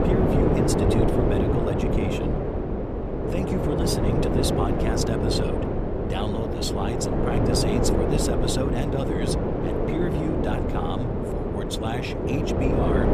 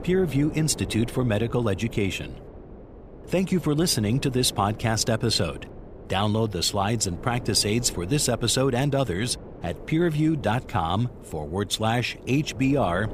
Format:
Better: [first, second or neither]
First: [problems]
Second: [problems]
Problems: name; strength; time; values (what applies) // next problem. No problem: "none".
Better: second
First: wind noise on the microphone; heavy; 5 dB above the speech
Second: wind noise on the microphone; occasional gusts; 20 dB below the speech